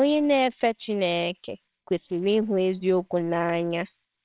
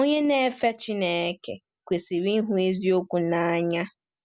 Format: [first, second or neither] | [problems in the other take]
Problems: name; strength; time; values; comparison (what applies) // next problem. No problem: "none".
second | noise reduction (neural separator model SepFormer WHAMR!)